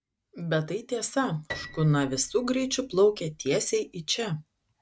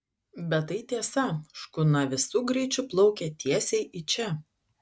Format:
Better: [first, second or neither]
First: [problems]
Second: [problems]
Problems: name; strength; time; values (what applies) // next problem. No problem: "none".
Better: second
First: background sound (Piano); 18 dB below the speech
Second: none